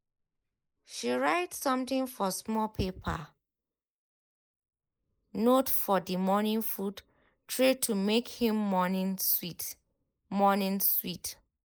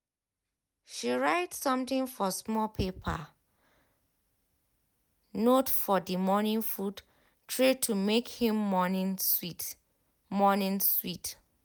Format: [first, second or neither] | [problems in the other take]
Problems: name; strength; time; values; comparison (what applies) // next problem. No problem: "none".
second | noise reduction (neural mask model Resemble Enhance denoiser)